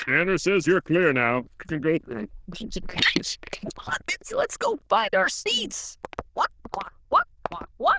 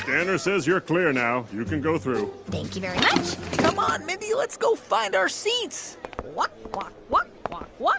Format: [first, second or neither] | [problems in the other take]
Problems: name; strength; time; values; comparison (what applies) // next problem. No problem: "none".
second | noise reduction (neural diffusion model UNIVERSE++)